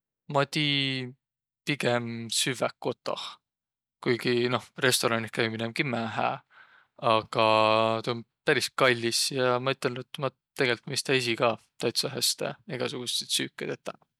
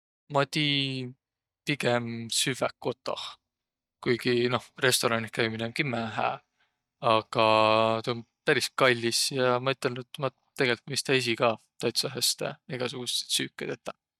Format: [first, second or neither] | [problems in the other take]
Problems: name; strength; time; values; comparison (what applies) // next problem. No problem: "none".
first | noise reduction (neural mask model DeepFilterNet 3)